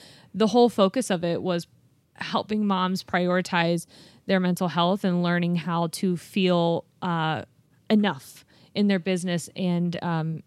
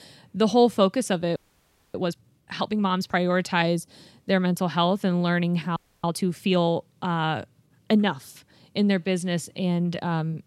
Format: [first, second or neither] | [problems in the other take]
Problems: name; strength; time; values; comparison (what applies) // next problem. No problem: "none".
first | audio freezing; at 1.5 s for 0.5 s and at 6 s